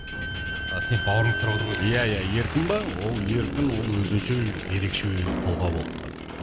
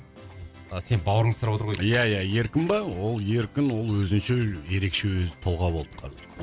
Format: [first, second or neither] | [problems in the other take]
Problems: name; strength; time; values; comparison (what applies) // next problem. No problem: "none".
second | background sound (Motorcycle / Engine + Squeak / Slam); 4 dB below the speech